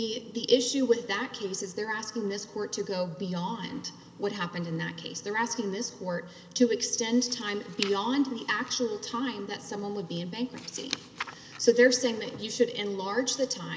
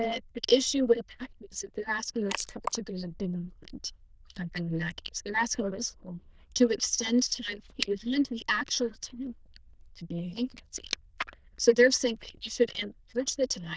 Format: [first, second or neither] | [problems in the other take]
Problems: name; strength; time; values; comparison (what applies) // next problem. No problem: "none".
first | noise reduction (neural diffusion model UNIVERSE++)